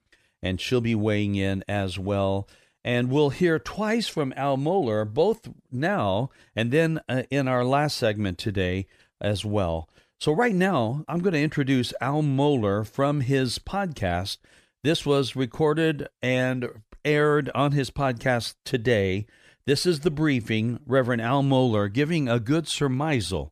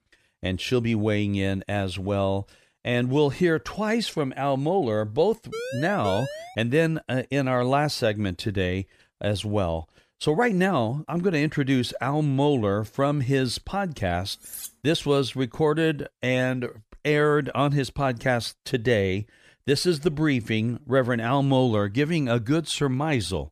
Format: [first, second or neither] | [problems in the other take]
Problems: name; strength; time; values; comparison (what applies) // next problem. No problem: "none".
first | siren; noticeable; from 5.5 to 6.5 s; peak 8 dB below the speech // clattering dishes; faint; at 14 s; peak 10 dB below the speech